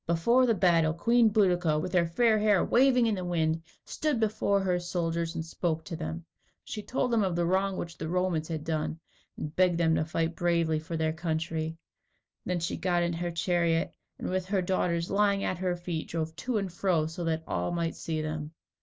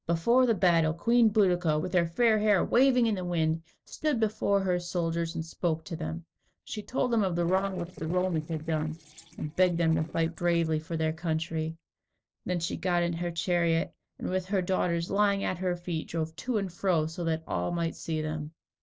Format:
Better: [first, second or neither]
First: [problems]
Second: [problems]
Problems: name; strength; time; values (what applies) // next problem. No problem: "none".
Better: first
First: none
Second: noise reduction (neural separator model SepFormer DNS4)